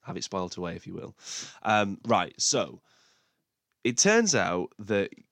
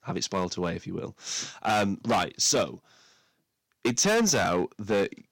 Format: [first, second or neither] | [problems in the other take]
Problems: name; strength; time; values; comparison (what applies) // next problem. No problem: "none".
first | distortion; heavy; 9% of the sound clipped